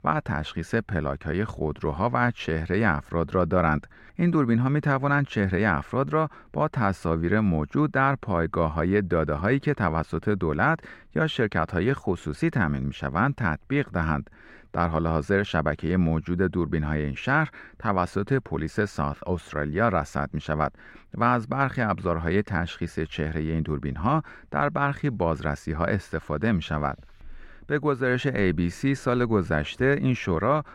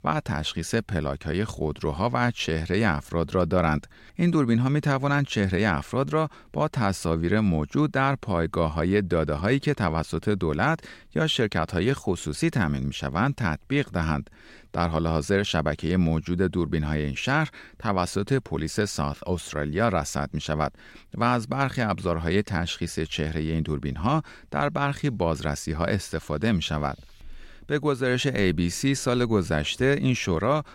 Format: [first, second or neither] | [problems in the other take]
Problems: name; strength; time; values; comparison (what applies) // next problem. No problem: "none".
second | muffled; slightly; fading above 3 kHz